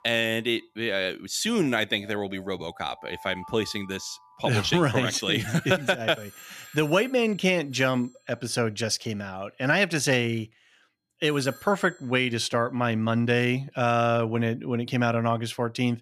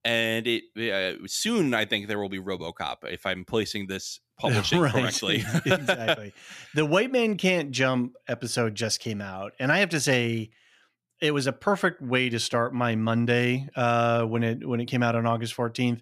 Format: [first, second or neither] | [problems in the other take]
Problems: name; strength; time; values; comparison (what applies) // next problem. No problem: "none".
second | alarms or sirens; faint; throughout; 25 dB below the speech